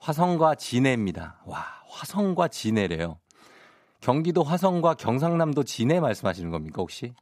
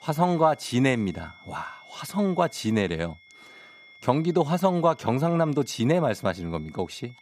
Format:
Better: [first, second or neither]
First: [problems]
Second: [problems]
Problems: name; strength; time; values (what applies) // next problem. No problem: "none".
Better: first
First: none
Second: high-pitched whine; faint; throughout; 2 kHz, 25 dB below the speech